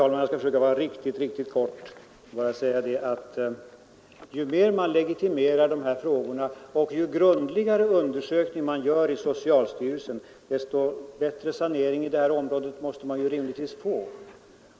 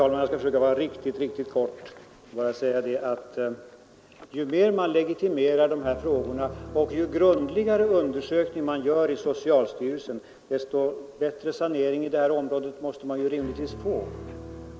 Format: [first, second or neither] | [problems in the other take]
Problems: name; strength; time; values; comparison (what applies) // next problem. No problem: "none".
first | background sound (Piano); 20 dB below the speech